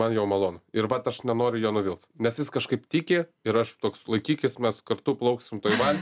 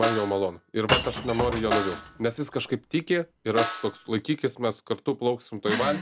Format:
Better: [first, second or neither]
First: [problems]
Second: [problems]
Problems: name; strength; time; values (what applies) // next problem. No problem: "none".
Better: first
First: none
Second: background sound (Shatter / Crushing + Snare drum); 5 dB below the speech